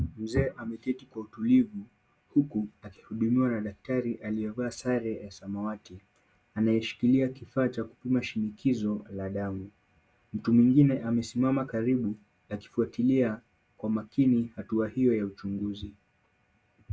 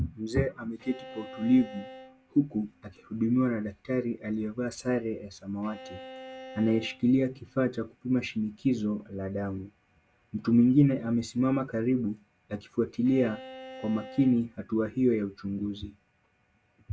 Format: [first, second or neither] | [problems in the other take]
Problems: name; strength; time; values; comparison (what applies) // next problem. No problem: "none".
first | background sound (Bowed string instrument); 17 dB below the speech